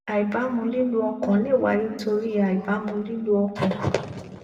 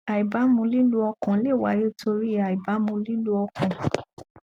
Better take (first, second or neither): second